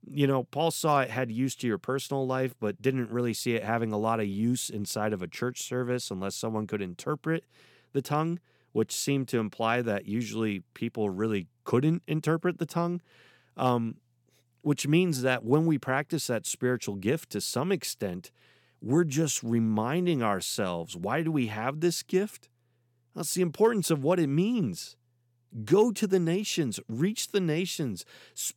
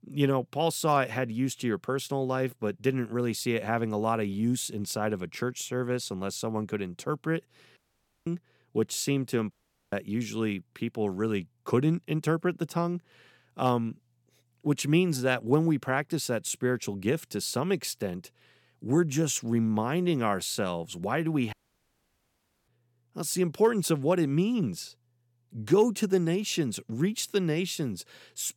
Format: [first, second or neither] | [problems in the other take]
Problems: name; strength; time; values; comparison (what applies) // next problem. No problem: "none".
first | audio cutting out; at 8 s, at 9.5 s and at 22 s for 1 s